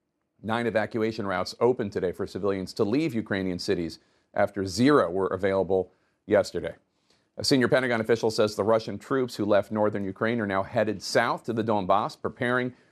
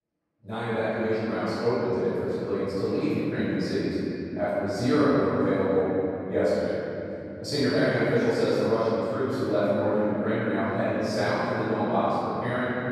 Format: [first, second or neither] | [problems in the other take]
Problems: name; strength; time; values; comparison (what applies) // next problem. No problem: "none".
first | off-mic speech; far // room echo; strong; dies away in 3 s